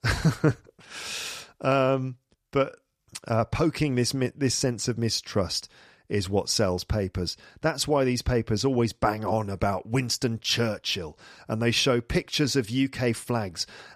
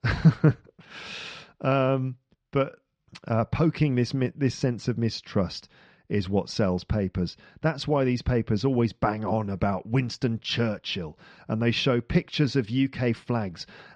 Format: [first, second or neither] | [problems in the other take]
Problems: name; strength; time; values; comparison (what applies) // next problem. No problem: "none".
first | muffled; very slightly; fading above 4 kHz